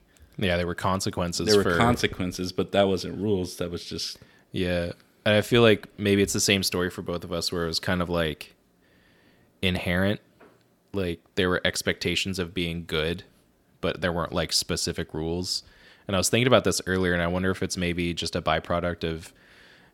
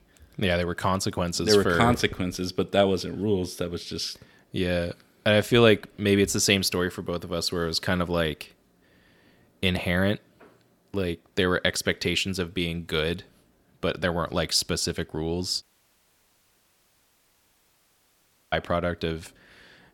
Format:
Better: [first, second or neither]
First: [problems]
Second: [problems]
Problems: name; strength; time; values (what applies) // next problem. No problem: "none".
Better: first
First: none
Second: audio cutting out; at 16 s for 3 s